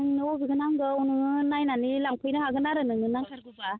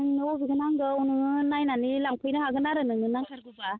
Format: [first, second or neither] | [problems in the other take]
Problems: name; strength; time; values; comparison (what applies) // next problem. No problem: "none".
first | noise reduction (neural mask model Resemble Enhance denoiser)